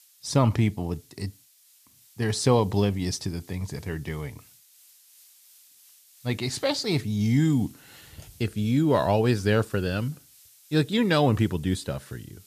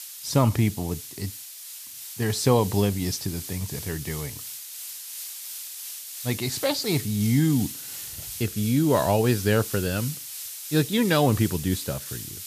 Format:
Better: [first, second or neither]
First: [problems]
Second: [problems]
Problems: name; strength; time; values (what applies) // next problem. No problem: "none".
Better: first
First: hiss; faint; throughout; 25 dB below the speech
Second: hiss; loud; throughout; 9 dB below the speech